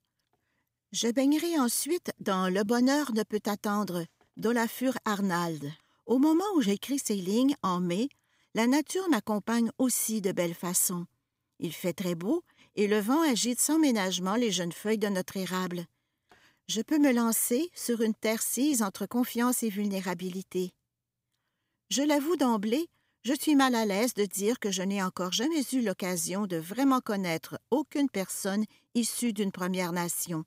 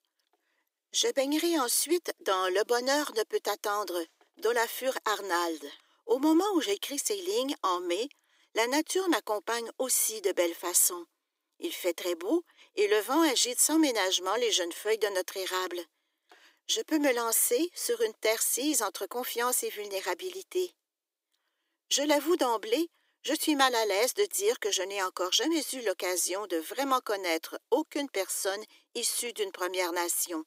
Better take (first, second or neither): first